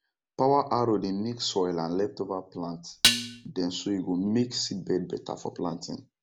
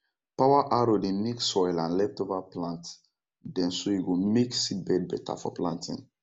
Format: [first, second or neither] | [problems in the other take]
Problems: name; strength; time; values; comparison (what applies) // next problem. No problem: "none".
second | background sound (Dishes, pots, and pans); 4 dB above the speech